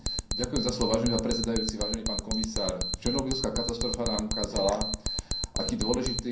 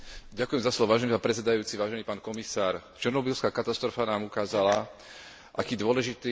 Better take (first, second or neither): second